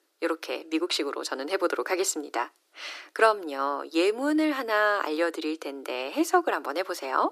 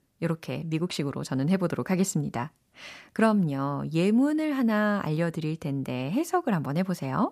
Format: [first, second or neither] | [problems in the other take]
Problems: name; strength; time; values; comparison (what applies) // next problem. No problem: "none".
second | thin; very; fading below 300 Hz